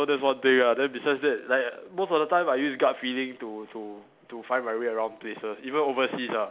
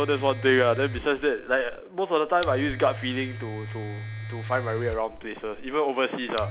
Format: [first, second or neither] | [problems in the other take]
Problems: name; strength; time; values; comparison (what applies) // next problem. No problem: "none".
first | background sound (Domestic sounds, home sounds); 10 dB below the speech